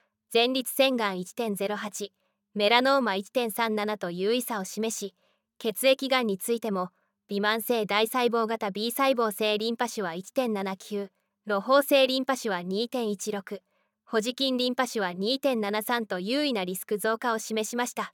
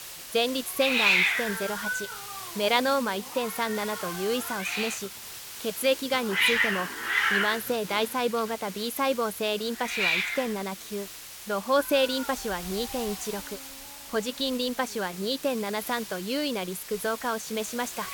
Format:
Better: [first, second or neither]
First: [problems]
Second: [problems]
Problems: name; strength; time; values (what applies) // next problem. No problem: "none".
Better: first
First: none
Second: hiss; loud; throughout; 1 dB below the speech